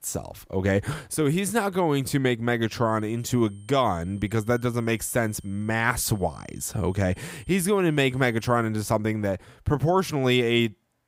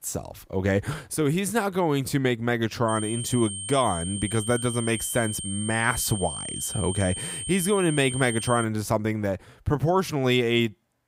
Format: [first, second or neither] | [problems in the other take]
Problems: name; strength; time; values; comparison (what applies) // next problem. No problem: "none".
first | high-pitched whine; loud; from 3 to 8.5 s; 8.5 kHz, 6 dB below the speech; faint in the first